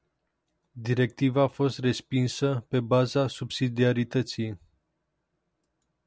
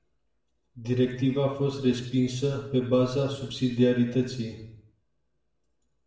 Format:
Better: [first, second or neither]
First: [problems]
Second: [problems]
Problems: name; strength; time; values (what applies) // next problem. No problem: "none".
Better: first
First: none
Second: room echo; dies away in 0.7 s